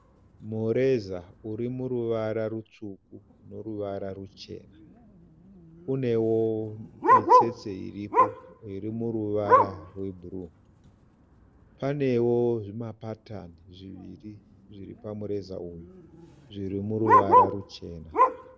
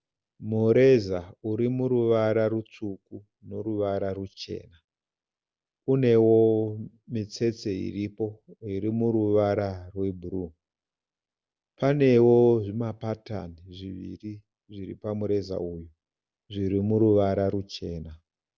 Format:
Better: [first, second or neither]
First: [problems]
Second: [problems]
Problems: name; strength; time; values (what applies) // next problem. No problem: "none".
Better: second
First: background sound (Bark); 2 dB above the speech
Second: none